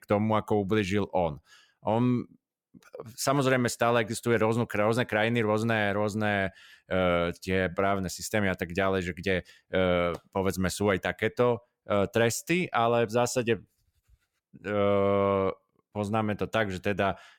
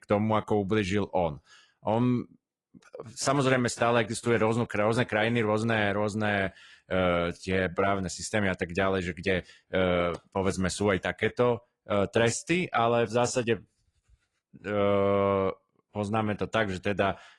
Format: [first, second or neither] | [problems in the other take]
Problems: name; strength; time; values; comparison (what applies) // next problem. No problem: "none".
first | garbled, watery; slightly; nothing above 10 kHz